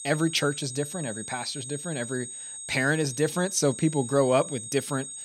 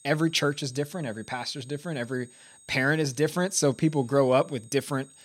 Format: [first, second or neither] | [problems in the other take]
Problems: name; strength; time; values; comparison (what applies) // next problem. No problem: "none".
second | high-pitched whine; loud; throughout; 8.5 kHz, 9 dB below the speech; faint in the second